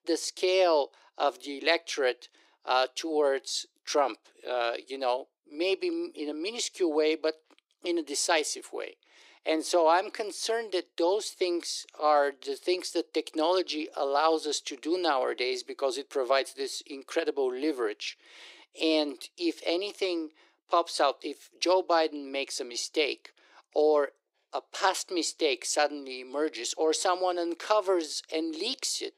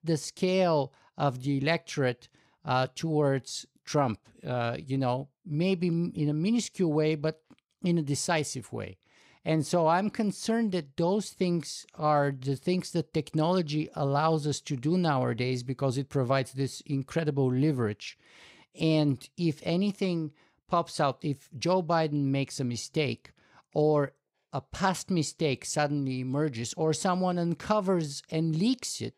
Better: second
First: thin; very; fading below 350 Hz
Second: none

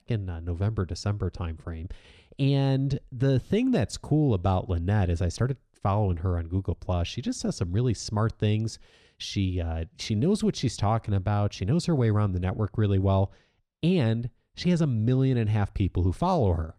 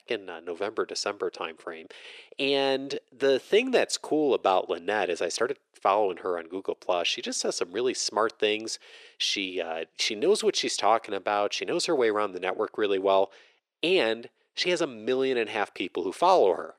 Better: first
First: none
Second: thin; very; fading below 400 Hz

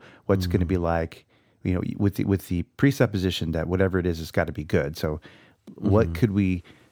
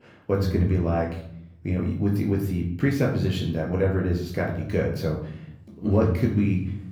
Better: first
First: none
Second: off-mic speech; far // room echo; slight; dies away in 0.7 s

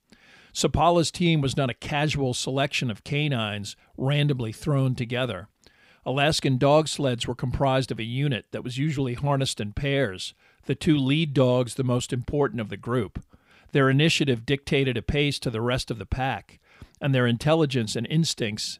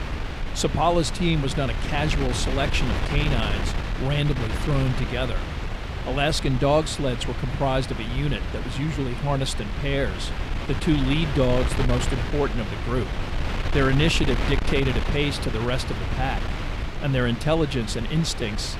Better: first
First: none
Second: wind noise on the microphone; heavy; 6 dB below the speech

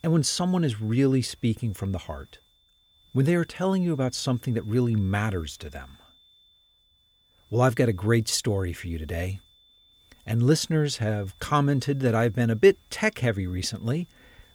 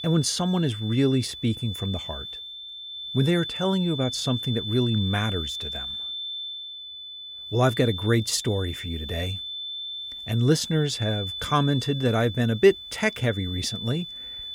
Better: first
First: high-pitched whine; faint; throughout; 3.5 kHz, 35 dB below the speech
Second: high-pitched whine; loud; throughout; 3.5 kHz, 8 dB below the speech

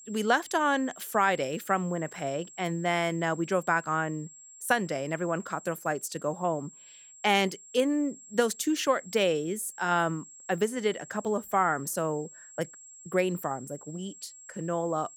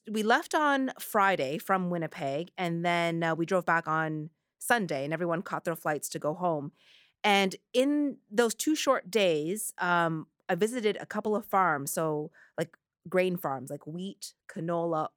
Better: second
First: high-pitched whine; noticeable; throughout; 7.5 kHz, 20 dB below the speech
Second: none

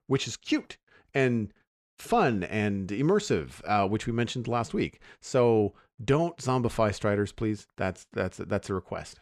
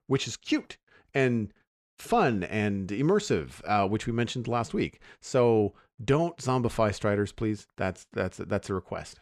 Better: neither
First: none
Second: none

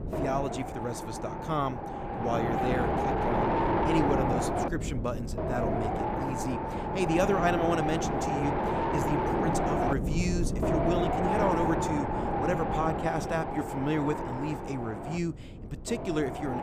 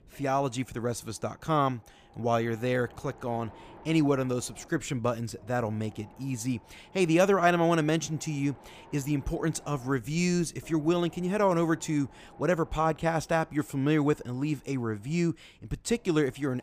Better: second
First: wind noise on the microphone; heavy; 3 dB above the speech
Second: wind noise on the microphone; occasional gusts; 25 dB below the speech

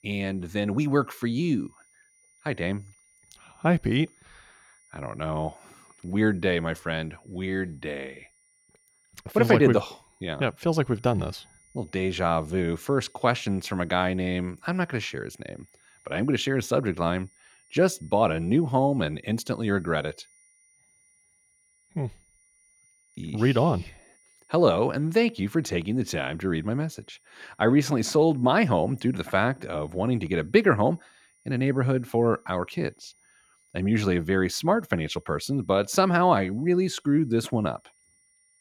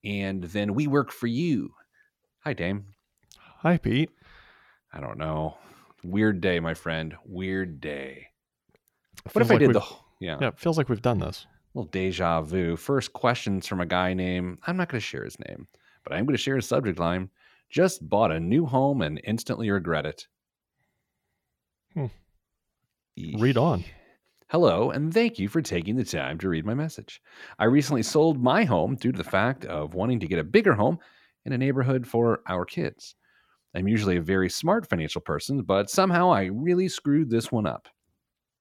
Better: second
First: high-pitched whine; faint; throughout; 9.5 kHz, 35 dB below the speech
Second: none

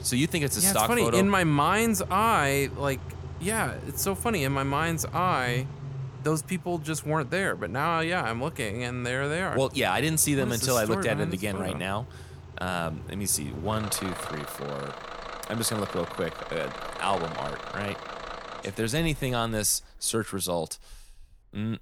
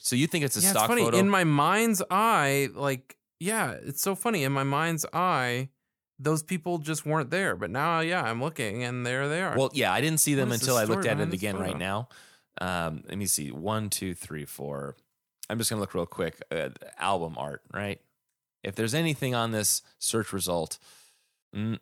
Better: second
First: traffic noise; noticeable; throughout; 15 dB below the speech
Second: none

